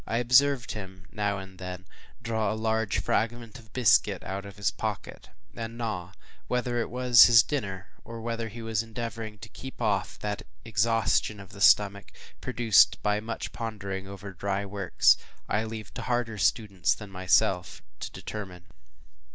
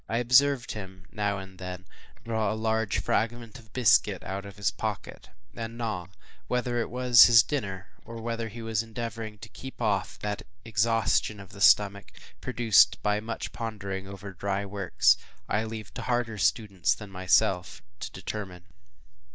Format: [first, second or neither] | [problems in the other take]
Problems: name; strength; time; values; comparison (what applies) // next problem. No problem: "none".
first | noise reduction (neural mask model DeepFilterNet 3)